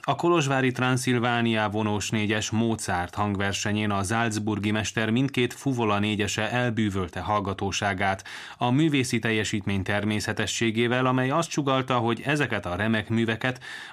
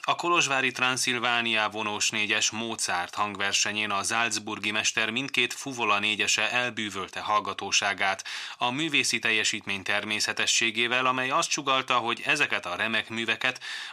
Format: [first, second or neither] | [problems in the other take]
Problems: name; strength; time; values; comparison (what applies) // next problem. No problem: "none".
first | thin; somewhat; fading below 700 Hz